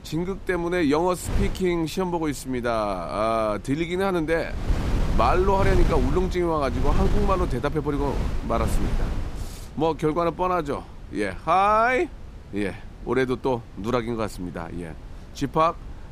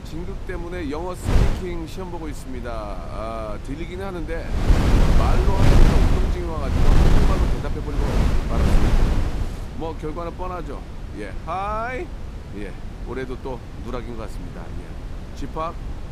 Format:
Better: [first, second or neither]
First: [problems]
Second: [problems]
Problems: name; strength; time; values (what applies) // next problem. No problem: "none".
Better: first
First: wind noise on the microphone; occasional gusts; 10 dB below the speech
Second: wind noise on the microphone; heavy; 2 dB above the speech